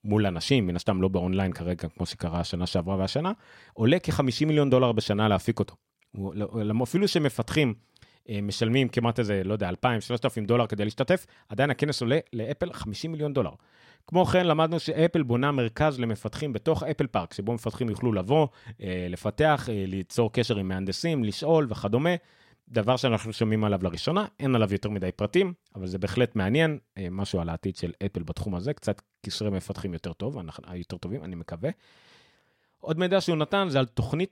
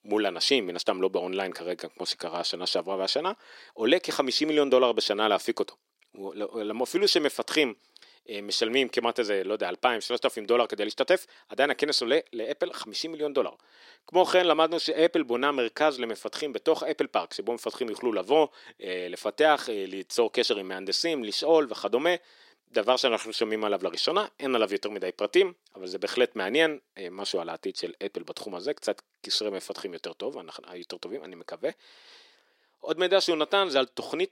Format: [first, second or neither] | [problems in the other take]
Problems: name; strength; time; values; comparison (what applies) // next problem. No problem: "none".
first | thin; somewhat; fading below 350 Hz